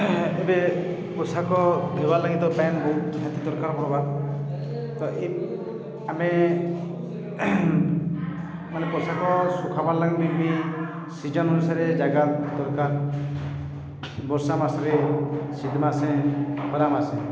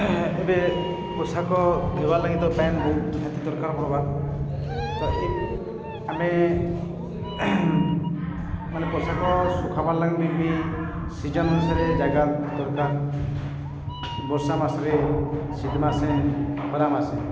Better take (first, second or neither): first